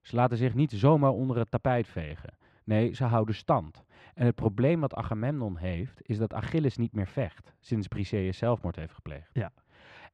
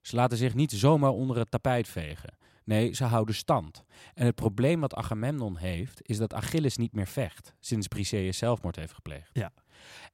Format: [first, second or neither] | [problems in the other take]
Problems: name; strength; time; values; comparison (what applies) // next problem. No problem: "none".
second | muffled; slightly; fading above 2.5 kHz